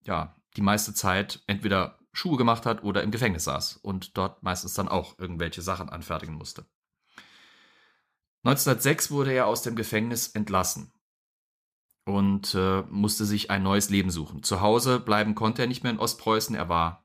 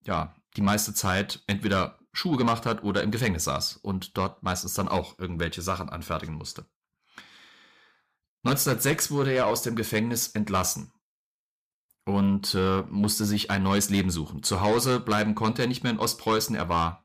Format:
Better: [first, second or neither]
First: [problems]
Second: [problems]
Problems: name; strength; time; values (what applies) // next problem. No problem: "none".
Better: first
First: none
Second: distortion; slight; 10 dB below the speech